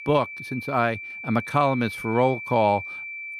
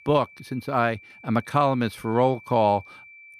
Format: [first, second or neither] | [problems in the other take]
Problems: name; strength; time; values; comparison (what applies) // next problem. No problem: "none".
second | high-pitched whine; loud; throughout; 2.5 kHz, 9 dB below the speech; faint in the second